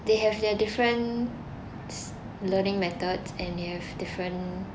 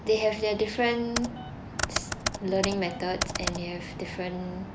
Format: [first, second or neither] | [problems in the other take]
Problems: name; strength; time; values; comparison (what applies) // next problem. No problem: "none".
first | background sound (Computer keyboard); 5 dB below the speech